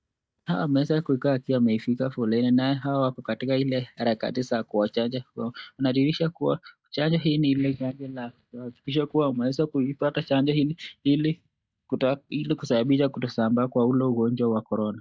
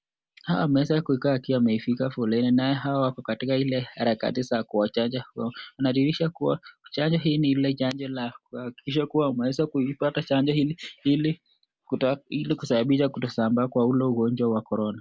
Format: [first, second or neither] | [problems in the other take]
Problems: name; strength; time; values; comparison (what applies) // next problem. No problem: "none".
second | noise reduction (neural mask model DeepFilterNet 3)